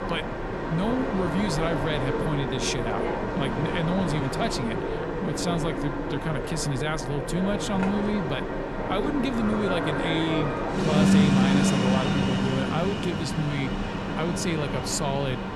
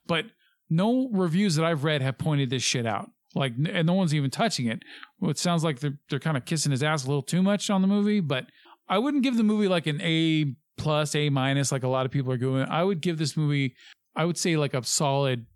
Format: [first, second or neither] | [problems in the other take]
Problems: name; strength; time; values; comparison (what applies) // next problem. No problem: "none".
second | train or aircraft noise; very loud; throughout; 2 dB above the speech